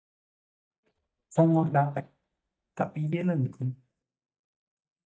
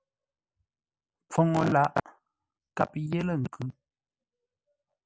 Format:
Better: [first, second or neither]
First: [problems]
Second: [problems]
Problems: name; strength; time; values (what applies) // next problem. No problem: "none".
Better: second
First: noise reduction (neural mask model DeepFilterNet 3)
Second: none